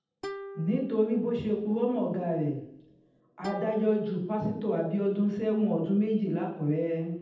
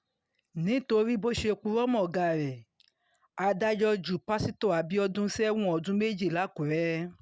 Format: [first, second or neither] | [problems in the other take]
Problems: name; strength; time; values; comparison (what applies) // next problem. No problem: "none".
second | background sound (Plucked string instrument); 17 dB below the speech // room echo; dies away in 0.8 s